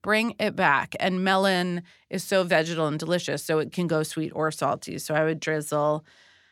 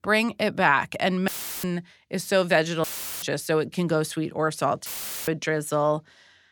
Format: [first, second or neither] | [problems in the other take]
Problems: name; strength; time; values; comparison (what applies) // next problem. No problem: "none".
first | audio cutting out; filled with static; at 1.5 s, at 3 s and at 5 s